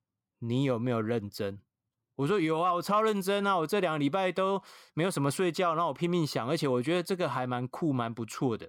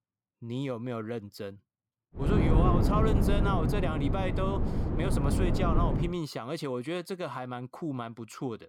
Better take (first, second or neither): first